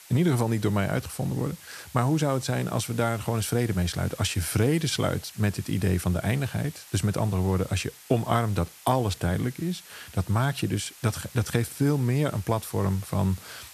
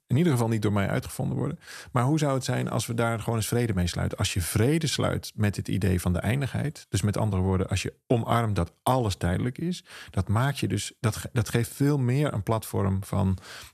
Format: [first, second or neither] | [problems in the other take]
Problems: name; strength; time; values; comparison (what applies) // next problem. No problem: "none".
second | hiss; noticeable; throughout; 20 dB below the speech